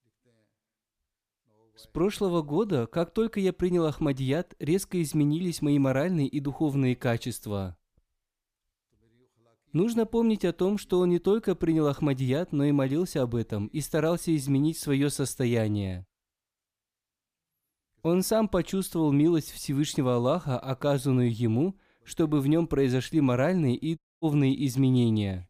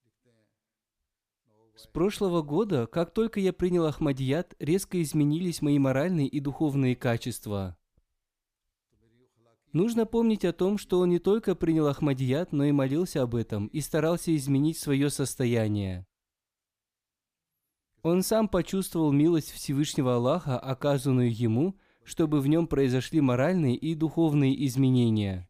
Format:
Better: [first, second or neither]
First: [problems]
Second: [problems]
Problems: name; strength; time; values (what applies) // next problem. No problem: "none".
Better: second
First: audio cutting out; at 24 s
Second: none